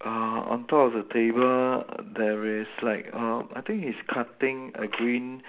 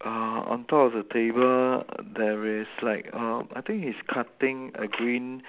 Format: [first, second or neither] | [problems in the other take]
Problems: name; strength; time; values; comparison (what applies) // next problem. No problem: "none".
second | room echo; dies away in 0.5 s